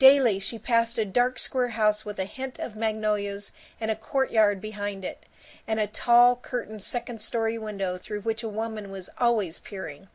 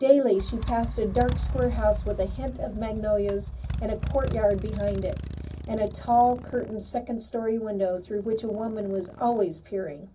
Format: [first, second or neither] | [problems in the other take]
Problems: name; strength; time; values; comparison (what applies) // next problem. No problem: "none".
first | background sound (Motorcycle); 7 dB below the speech // room echo; dies away in 0.4 s